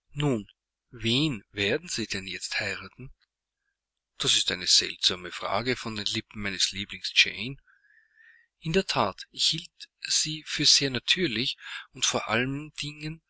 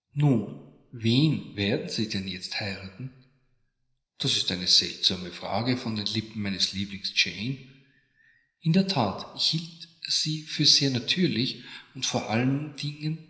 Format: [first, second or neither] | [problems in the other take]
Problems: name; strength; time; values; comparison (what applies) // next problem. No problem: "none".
first | room echo; dies away in 0.9 s